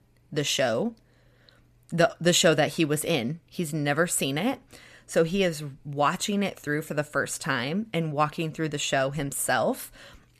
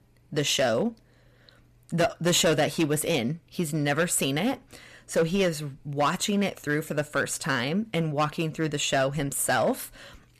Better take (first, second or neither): first